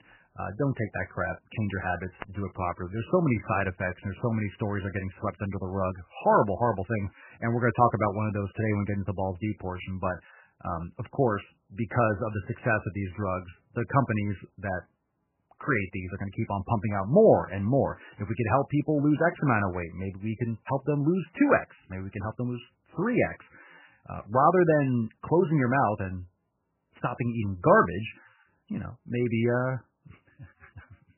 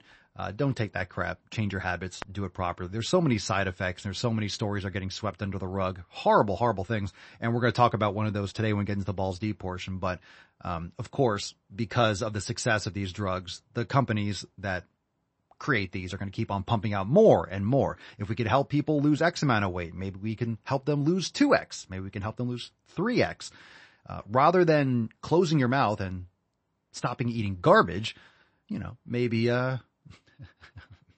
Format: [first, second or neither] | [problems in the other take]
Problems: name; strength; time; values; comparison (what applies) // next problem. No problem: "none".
second | garbled, watery; badly; nothing above 3 kHz; slightly in the second